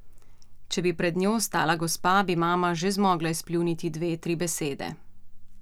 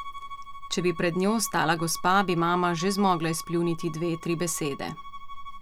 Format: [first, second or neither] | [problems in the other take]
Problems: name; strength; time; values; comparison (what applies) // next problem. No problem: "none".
first | background sound (Bowed string instrument); 15 dB below the speech